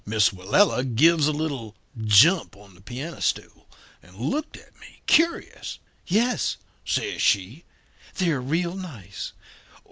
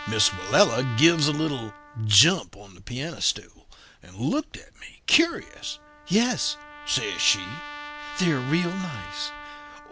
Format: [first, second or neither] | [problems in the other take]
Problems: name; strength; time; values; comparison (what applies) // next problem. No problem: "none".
first | background sound (Trumpet); 14 dB below the speech